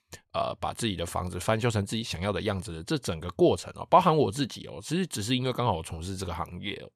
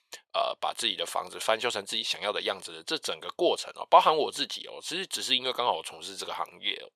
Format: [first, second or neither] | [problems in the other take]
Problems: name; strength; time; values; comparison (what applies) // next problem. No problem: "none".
first | thin; very; fading below 600 Hz